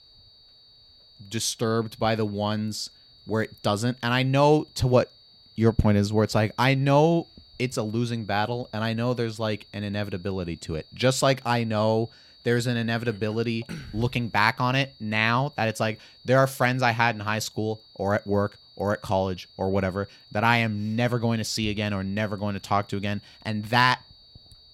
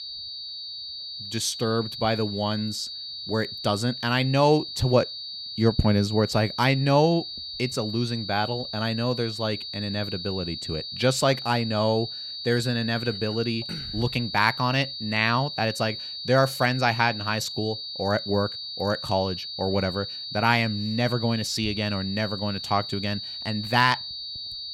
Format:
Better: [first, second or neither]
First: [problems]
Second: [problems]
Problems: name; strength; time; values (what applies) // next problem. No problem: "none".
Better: first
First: high-pitched whine; faint; throughout; 4.5 kHz, 25 dB below the speech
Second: high-pitched whine; loud; throughout; 4.5 kHz, 7 dB below the speech